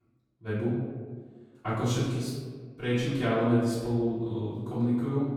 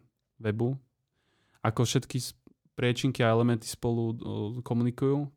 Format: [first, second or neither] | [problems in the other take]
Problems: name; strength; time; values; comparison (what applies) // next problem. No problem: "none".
second | off-mic speech; far // room echo; strong; dies away in 1.3 s